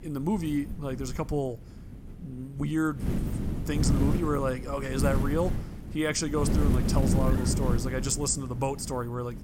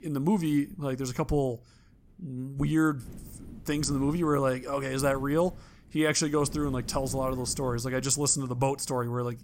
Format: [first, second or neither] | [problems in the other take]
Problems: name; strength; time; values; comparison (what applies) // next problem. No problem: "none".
second | wind noise on the microphone; heavy; 6 dB below the speech; occasional gusts in the second